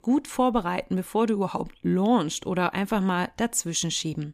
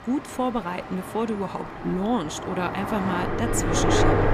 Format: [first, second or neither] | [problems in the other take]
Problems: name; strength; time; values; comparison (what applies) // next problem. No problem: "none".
first | train or aircraft noise; very loud; throughout; as loud as the speech